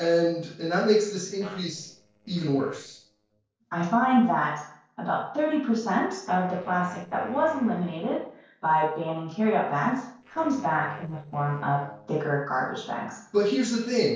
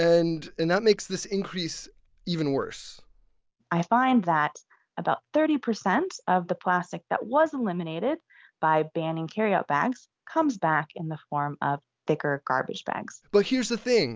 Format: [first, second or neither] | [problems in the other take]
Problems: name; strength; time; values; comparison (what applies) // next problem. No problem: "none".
second | noise reduction (neural separator model SepFormer DNS4)